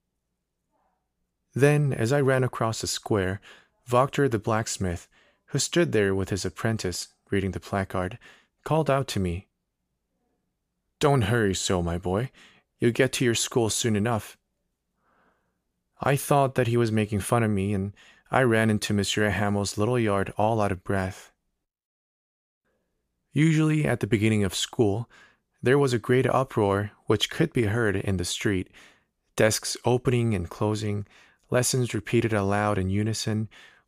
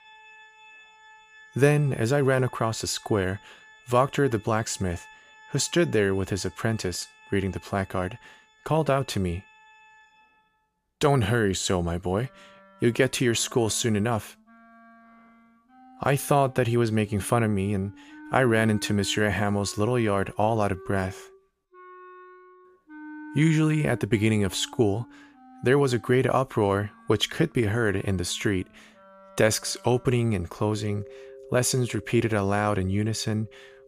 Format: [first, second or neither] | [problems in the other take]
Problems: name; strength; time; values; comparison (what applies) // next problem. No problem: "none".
first | background music; faint; throughout; 25 dB below the speech